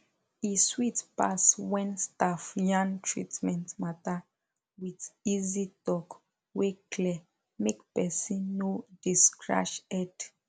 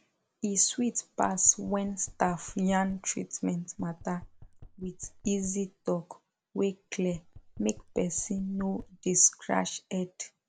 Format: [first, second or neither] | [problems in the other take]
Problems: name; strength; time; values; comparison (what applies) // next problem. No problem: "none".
first | background sound (Knock); 19 dB below the speech